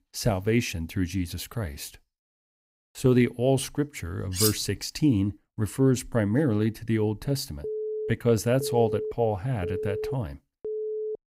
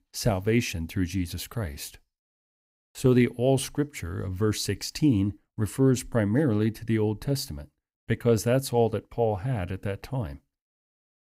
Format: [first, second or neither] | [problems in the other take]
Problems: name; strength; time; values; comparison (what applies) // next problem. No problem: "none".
second | clattering dishes; loud; at 4.5 s; peak 1 dB above the speech // phone ringing; noticeable; from 7.5 s on; peak 5 dB below the speech